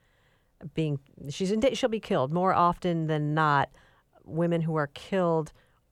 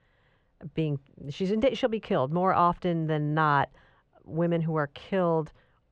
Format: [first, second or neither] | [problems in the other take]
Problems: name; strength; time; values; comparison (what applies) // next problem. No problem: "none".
first | muffled; slightly; fading above 3.5 kHz